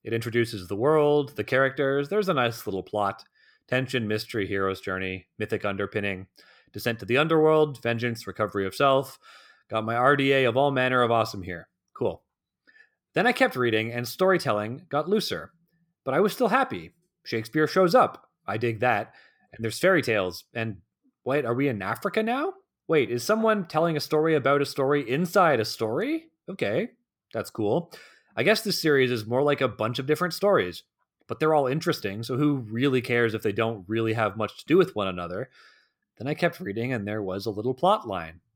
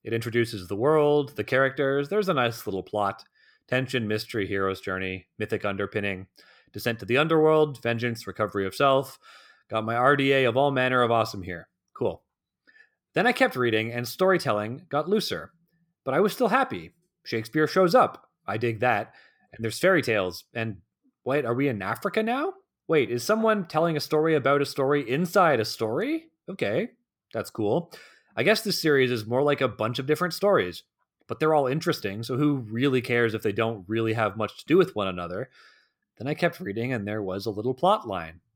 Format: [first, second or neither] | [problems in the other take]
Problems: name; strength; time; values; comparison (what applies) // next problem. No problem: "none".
neither | none